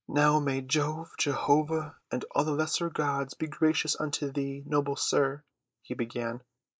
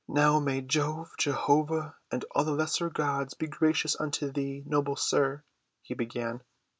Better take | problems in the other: second | noise reduction (neural mask model Resemble Enhance denoiser)

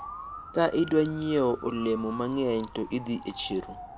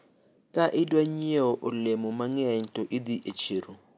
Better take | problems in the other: second | background sound (Motor vehicle (road) / Siren); 14 dB below the speech

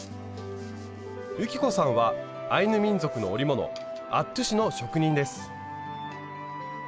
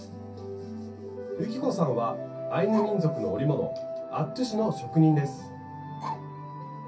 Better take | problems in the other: first | background sound (Bark); 16 dB below the speech // room echo; dies away in 0.3 s

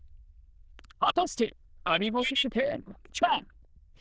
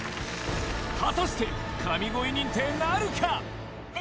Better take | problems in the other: second | noise reduction (neural diffusion model UNIVERSE++)

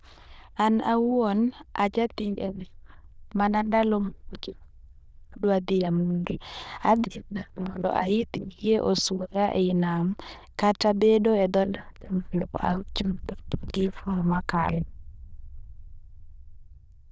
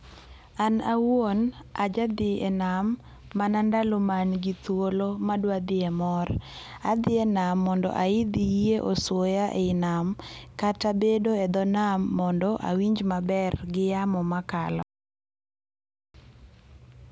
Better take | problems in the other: second | noise reduction (neural diffusion model UNIVERSE++)

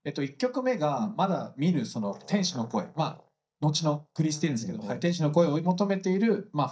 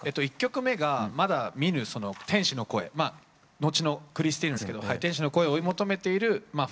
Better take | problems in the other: second | noise reduction (neural mask model DeepFilterNet 3)

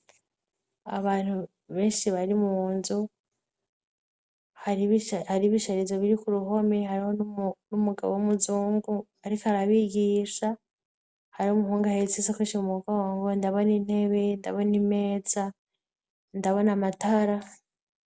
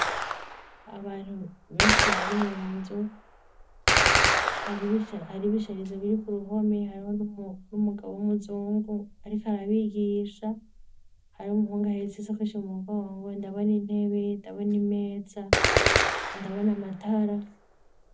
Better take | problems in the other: first | background sound (Gunshot, gunfire); as loud as the speech // room echo; dies away in 0.4 s

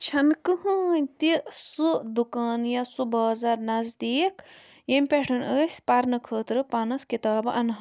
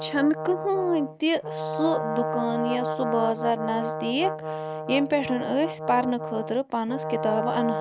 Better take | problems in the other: first | background sound (Brass instrument); 5 dB below the speech

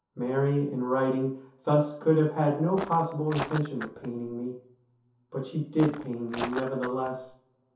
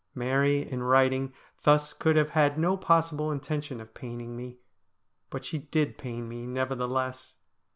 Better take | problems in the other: second | background sound (Walk, footsteps); 10 dB below the speech // room echo; dies away in 0.5 s

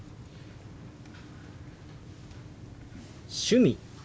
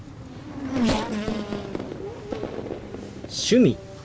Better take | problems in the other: first | background sound (Race car, auto racing / Accelerating, revving, vroom); 2 dB below the speech

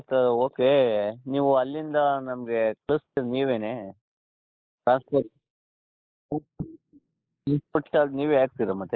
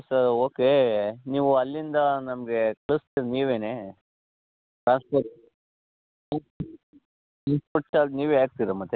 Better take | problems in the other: second | noise reduction (neural mask model Resemble Enhance denoiser)

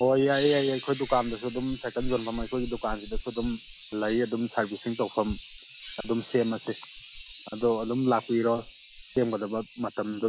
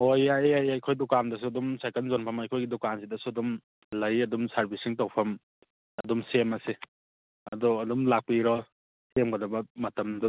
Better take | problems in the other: second | noise reduction (classical method log-MMSE)

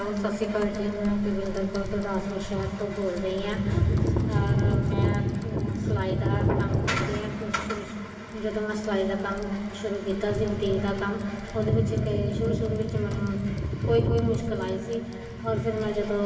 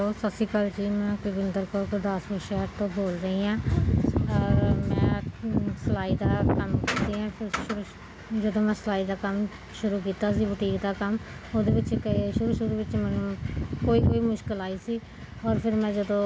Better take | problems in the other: second | background sound (Typing); 17 dB below the speech // room echo; dies away in 2.8 s

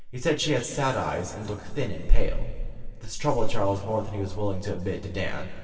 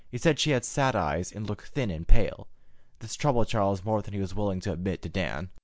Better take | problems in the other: second | room echo; dies away in 2.4 s

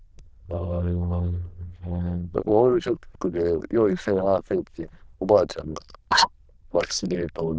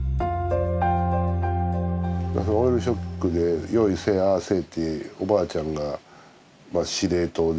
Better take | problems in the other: second | noise reduction (neural diffusion model UNIVERSE++)

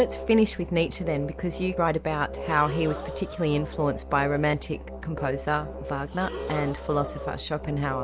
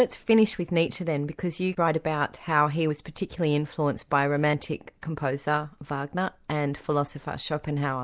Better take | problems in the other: second | background sound (Breathing + Musical instrument); 8 dB below the speech

